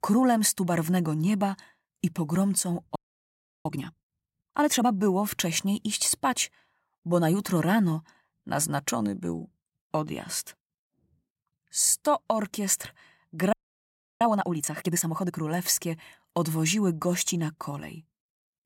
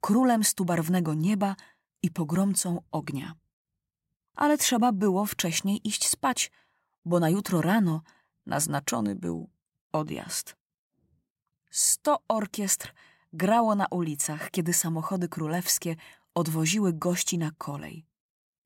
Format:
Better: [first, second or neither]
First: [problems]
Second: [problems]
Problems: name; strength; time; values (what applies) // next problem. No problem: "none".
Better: second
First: audio freezing; at 3 s for 0.5 s and at 14 s for 0.5 s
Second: none